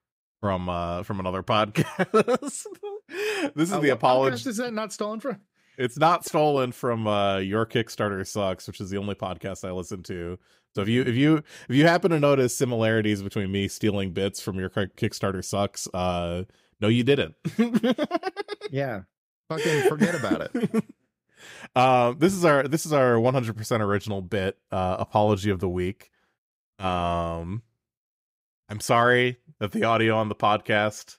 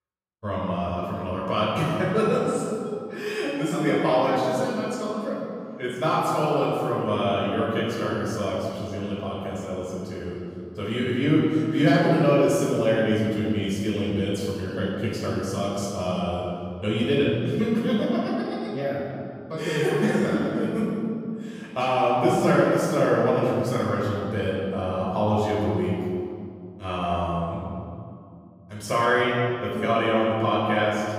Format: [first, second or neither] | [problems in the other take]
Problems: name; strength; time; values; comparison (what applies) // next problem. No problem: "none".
first | off-mic speech; far // room echo; strong; dies away in 2.1 s